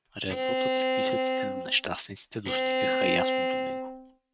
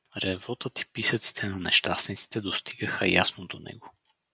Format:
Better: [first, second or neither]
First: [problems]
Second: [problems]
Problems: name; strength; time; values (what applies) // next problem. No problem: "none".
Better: second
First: noise reduction (neural mask model RNNoise)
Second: none